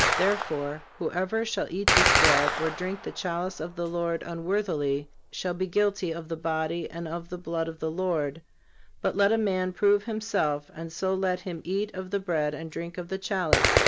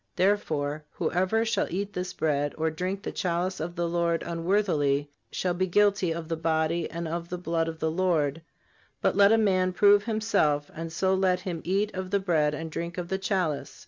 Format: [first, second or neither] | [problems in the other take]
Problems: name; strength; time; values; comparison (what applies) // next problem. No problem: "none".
second | background sound (Gunshot, gunfire); 3 dB below the speech